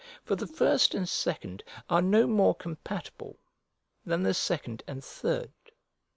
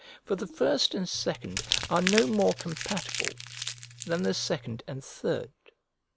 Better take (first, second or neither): first